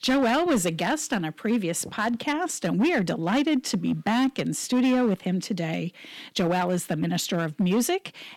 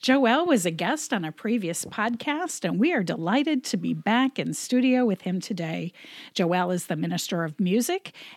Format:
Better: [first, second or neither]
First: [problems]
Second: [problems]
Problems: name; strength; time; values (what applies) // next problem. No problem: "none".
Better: second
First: distortion; slight; 8% of the sound clipped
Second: none